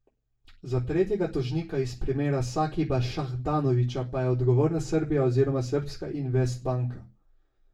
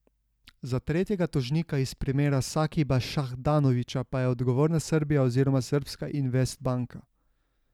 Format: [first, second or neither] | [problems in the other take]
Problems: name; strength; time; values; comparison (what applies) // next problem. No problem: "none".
second | room echo; dies away in 0.3 s